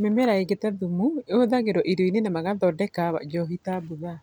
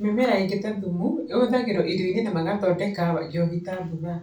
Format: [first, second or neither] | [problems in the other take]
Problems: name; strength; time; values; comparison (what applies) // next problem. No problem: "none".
first | room echo; dies away in 0.3 s